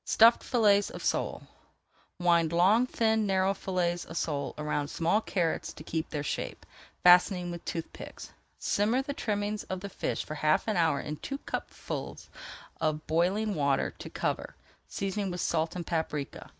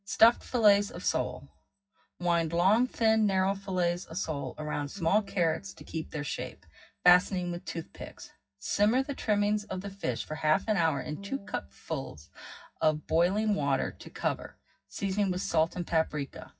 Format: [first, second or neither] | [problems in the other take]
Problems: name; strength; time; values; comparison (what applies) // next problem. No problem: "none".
first | noise reduction (classical method WPE with log-MMSE)